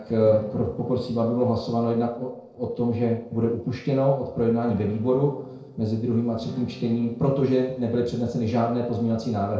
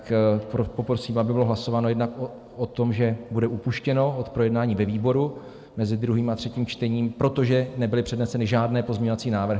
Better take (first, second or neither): second